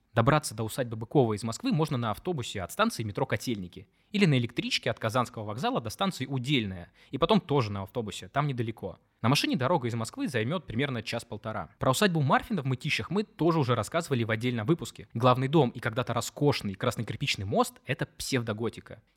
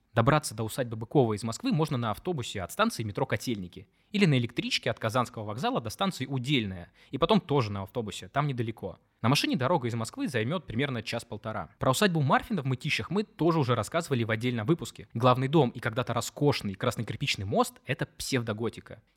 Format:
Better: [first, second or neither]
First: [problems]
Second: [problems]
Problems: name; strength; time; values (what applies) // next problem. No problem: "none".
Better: neither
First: none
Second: none